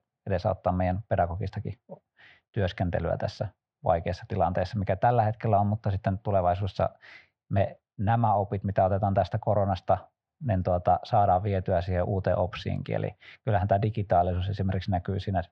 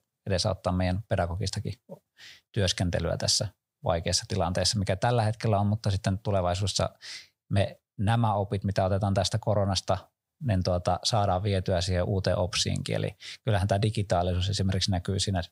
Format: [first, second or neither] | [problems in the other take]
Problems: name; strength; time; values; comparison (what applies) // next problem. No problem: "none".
second | muffled; very; fading above 2.5 kHz